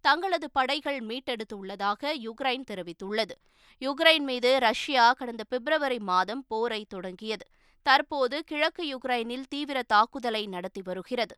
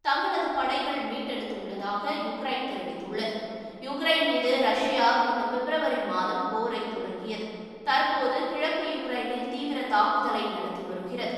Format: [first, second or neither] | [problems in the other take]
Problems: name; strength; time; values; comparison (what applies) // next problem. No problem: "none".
first | off-mic speech; far // room echo; strong; dies away in 2.2 s